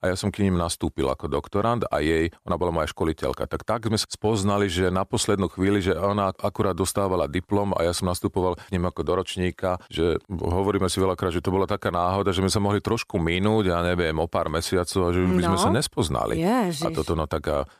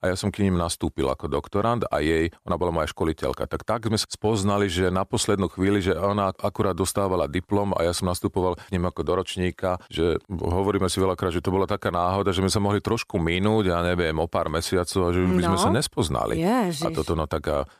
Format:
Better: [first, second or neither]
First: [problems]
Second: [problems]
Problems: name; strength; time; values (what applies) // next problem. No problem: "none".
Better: neither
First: none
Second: none